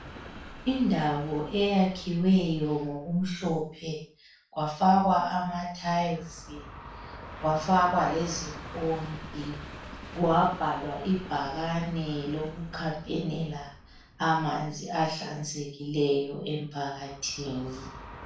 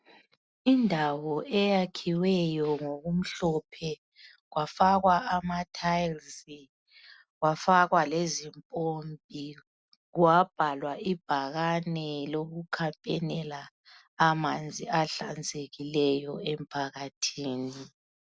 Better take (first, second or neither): second